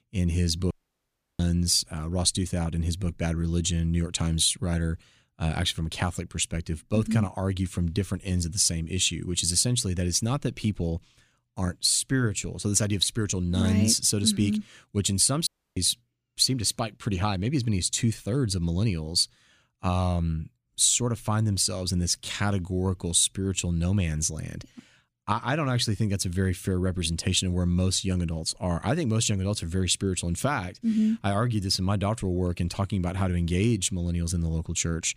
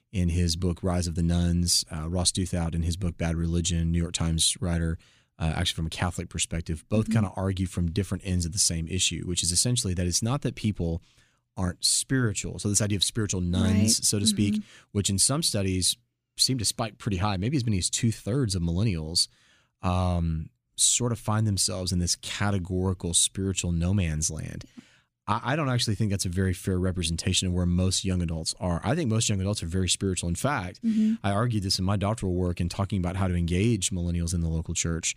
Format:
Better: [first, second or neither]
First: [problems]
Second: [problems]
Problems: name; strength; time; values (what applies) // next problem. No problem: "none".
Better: second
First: audio cutting out; at 0.5 s for 0.5 s and at 15 s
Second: none